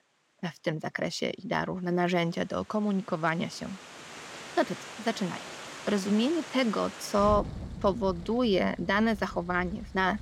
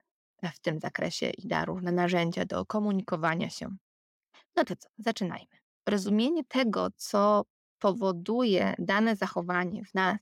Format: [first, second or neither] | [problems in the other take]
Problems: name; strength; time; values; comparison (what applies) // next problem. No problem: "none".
second | rain or running water; noticeable; throughout; 15 dB below the speech